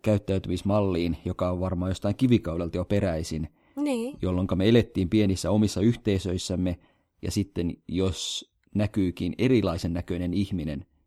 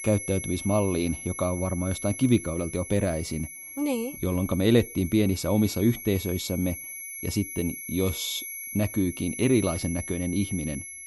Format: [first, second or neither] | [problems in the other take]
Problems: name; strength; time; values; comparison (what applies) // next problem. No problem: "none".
first | high-pitched whine; loud; throughout; 11.5 kHz, 9 dB below the speech